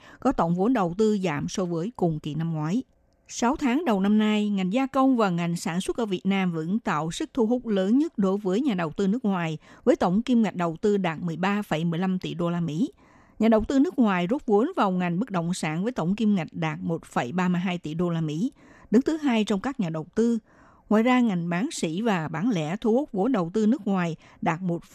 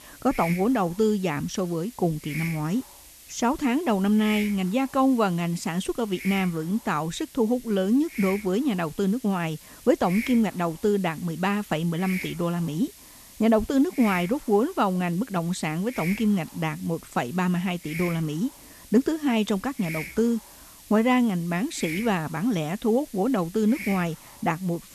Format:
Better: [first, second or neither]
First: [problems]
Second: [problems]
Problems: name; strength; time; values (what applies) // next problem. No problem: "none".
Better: first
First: none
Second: hiss; noticeable; throughout; 15 dB below the speech